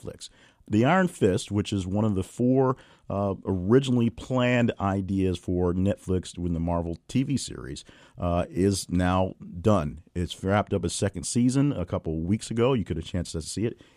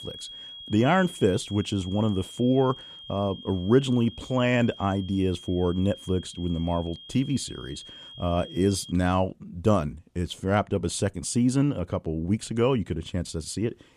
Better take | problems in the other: first | high-pitched whine; noticeable; until 9 s; 3.5 kHz, 15 dB below the speech

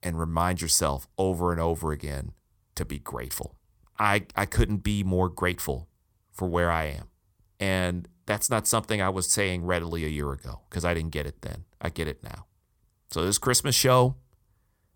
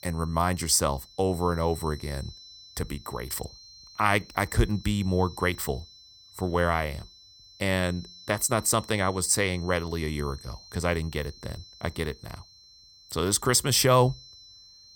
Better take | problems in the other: first | high-pitched whine; faint; throughout; 4 kHz, 20 dB below the speech

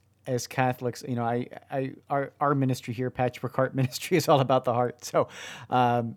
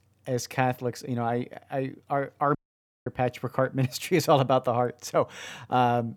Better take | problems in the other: first | audio cutting out; at 2.5 s for 0.5 s

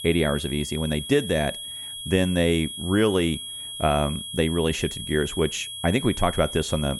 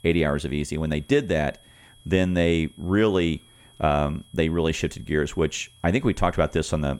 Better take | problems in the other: second | high-pitched whine; loud; throughout; 3.5 kHz, 8 dB below the speech; faint in the second

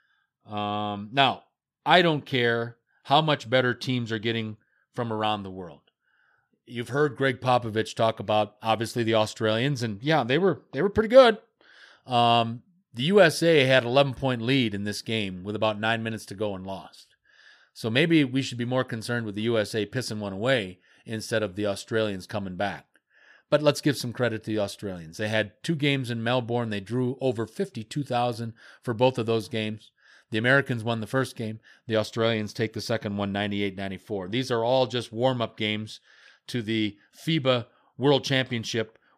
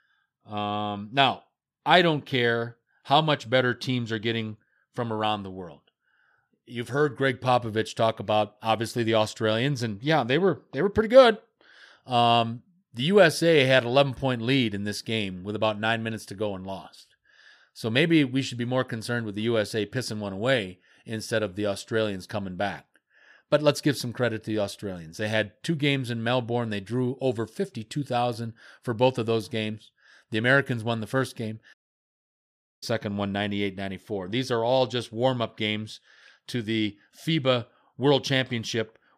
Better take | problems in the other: first | audio cutting out; at 32 s for 1 s

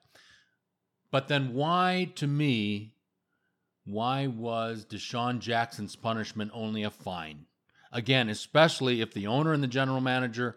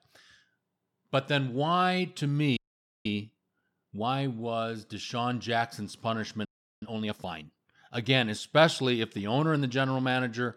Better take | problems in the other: first | audio freezing; at 2.5 s and at 6.5 s

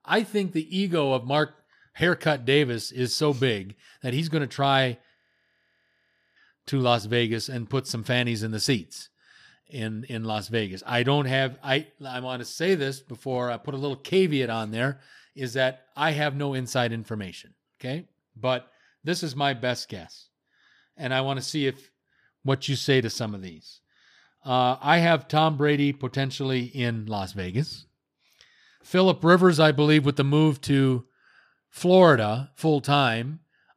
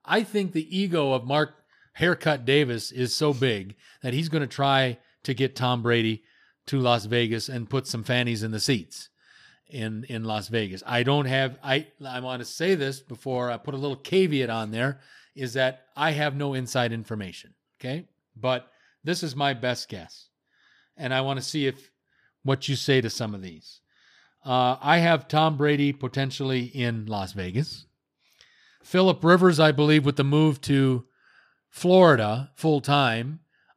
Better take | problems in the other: second | audio freezing; at 5 s for 1 s

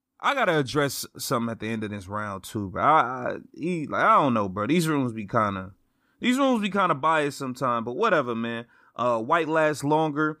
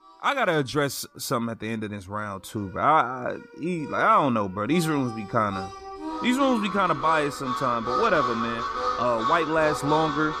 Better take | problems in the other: first | background music; loud; throughout; 6 dB below the speech

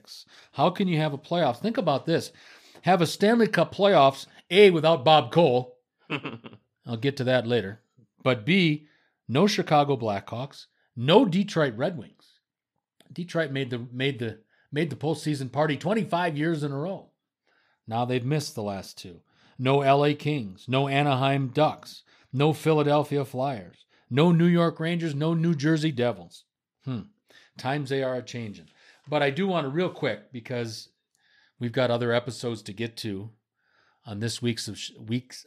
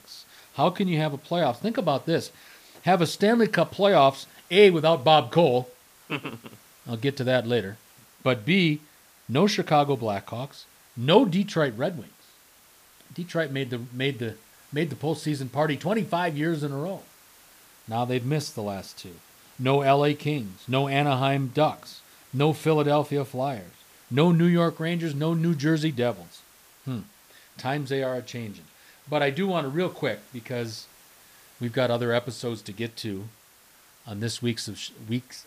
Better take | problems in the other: first | hiss; faint; throughout; 25 dB below the speech

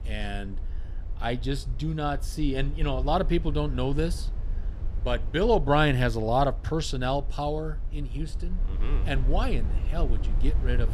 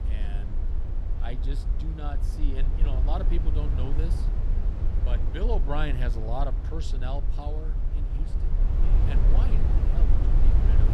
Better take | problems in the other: first | low rumble; loud; throughout; 4 dB below the speech; faint in the first

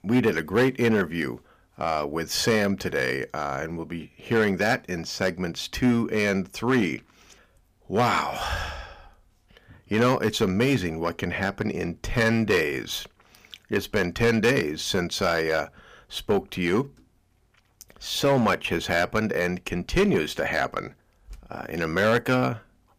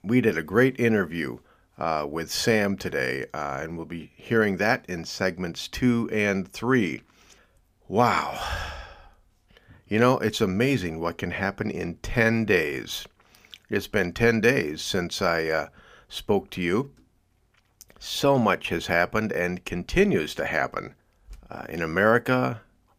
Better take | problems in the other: second | distortion; slight; 3% of the sound clipped

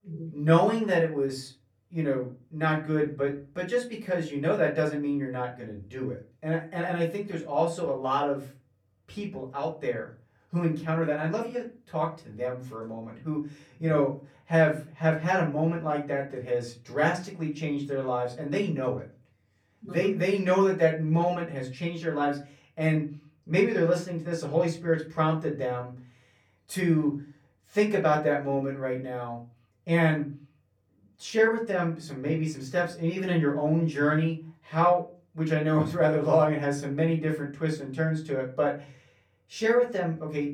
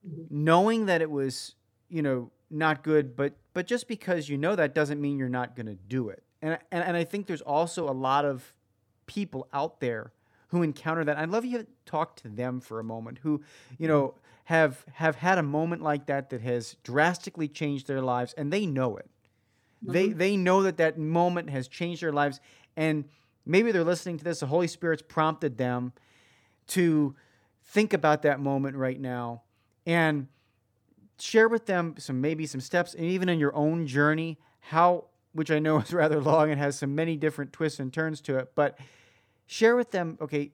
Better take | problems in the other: second | off-mic speech; far // room echo; very slight; dies away in 0.3 s

